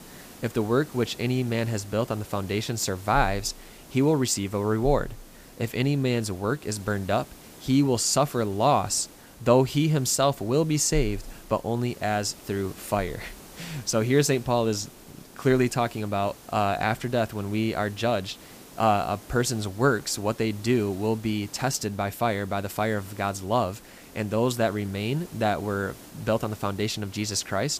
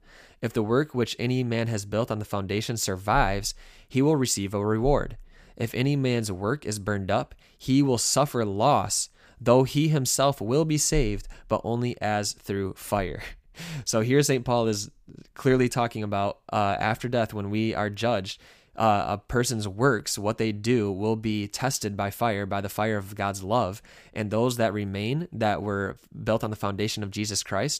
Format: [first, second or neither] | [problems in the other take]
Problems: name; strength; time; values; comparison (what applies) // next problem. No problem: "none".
second | hiss; faint; throughout; 20 dB below the speech